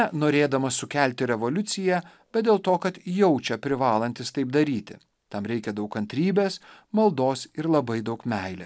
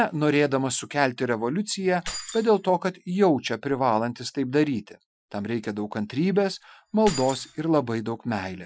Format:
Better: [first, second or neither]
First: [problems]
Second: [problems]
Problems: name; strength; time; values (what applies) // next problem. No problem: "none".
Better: first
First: none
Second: noise reduction (classical method Wiener filter)